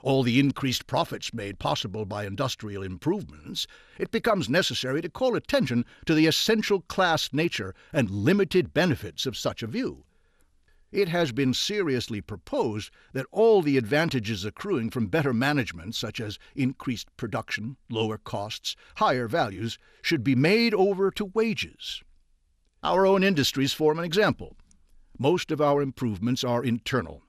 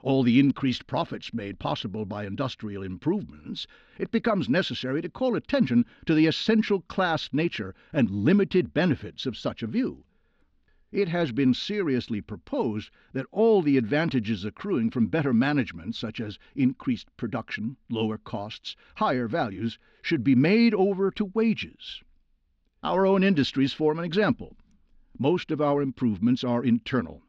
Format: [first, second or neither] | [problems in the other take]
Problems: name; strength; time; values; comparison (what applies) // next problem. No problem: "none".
first | muffled; very slightly; fading above 4 kHz